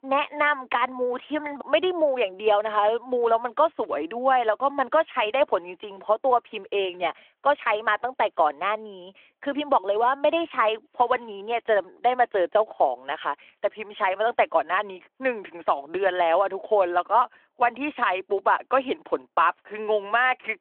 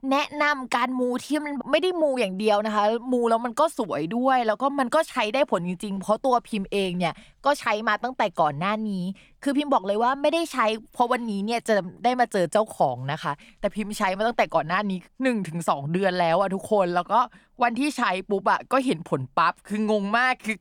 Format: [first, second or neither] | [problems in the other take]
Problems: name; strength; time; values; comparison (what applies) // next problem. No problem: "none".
second | phone-call audio